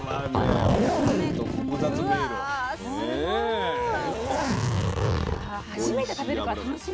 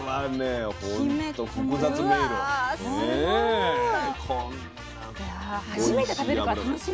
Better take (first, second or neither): second